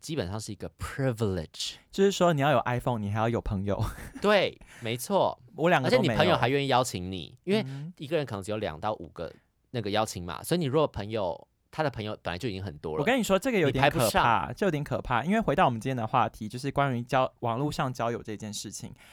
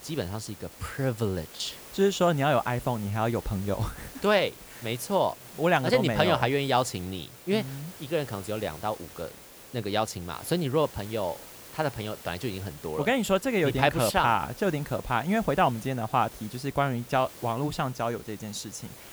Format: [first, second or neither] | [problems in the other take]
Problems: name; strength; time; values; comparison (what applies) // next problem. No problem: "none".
first | hiss; noticeable; throughout; 15 dB below the speech